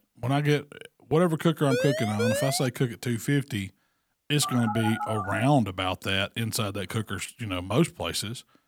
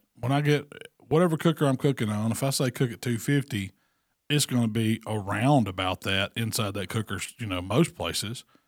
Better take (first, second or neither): second